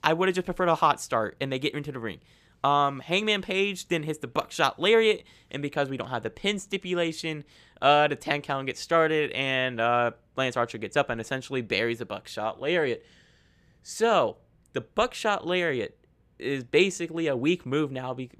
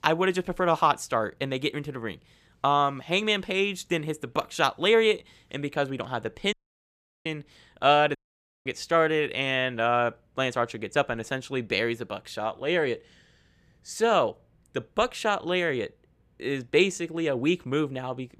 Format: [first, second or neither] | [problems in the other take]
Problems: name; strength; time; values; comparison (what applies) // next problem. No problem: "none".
first | audio cutting out; at 6.5 s for 0.5 s and at 8 s for 0.5 s